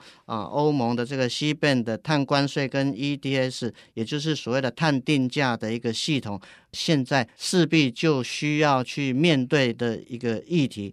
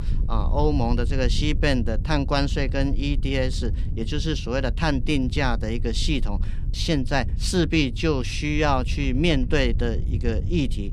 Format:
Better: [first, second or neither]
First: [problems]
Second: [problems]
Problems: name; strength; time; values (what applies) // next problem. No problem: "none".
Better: first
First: none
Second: wind noise on the microphone; occasional gusts; 20 dB below the speech